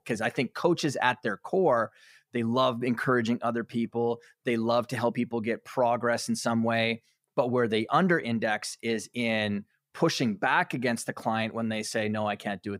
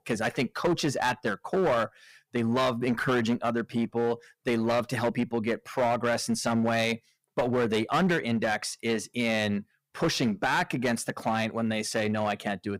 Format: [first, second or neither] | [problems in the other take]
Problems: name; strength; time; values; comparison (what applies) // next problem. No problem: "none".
first | distortion; slight; 11% of the sound clipped